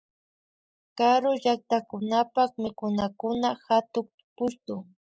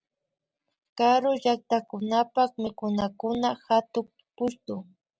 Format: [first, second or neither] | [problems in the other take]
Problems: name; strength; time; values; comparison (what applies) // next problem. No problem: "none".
second | noise reduction (neural mask model Resemble Enhance denoiser)